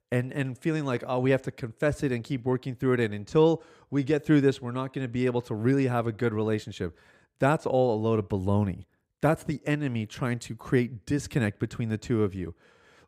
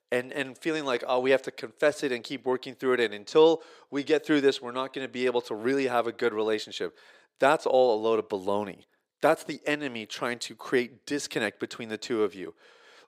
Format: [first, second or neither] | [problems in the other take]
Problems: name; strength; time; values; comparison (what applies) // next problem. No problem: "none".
first | thin; somewhat; fading below 450 Hz